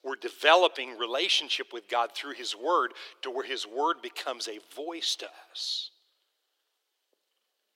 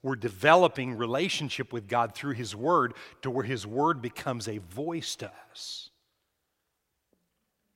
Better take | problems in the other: second | thin; very; fading below 350 Hz

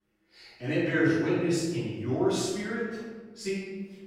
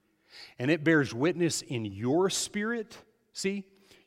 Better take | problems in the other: second | room echo; strong; dies away in 1.1 s // off-mic speech; far

